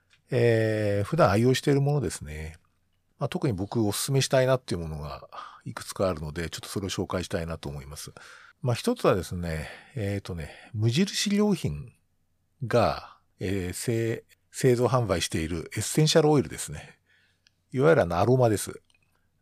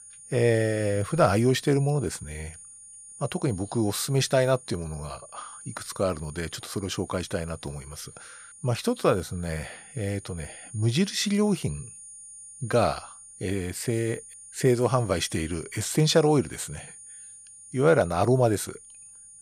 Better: first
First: none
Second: high-pitched whine; noticeable; throughout; 9.5 kHz, 15 dB below the speech

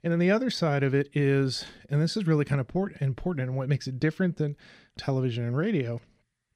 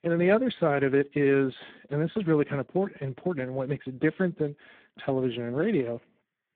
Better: first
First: none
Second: phone-call audio; poor line; nothing above 3.5 kHz

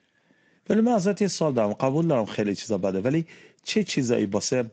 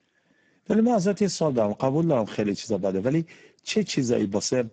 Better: first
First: garbled, watery; slightly; nothing above 7.5 kHz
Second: garbled, watery; badly; nothing above 7.5 kHz

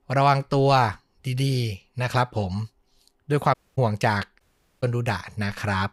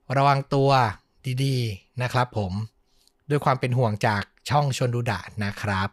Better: second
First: audio cutting out; at 3.5 s and at 4.5 s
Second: none

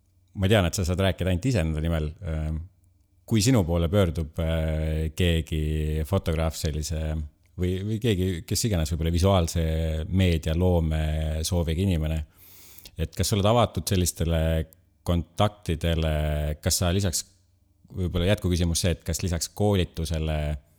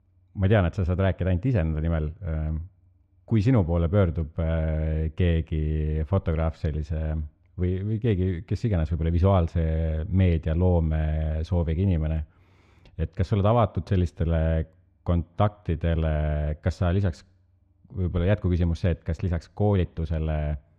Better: first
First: none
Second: muffled; very; fading above 1.5 kHz

